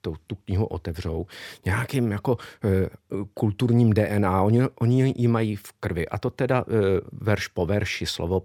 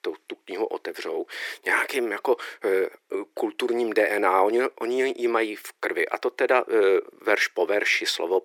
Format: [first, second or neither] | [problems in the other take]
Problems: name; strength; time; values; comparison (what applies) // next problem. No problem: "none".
first | thin; very; fading below 350 Hz